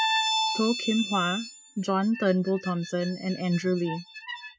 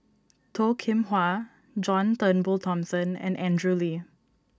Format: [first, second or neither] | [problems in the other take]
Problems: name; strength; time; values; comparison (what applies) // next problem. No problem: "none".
second | noise reduction (classical method Wiener filter)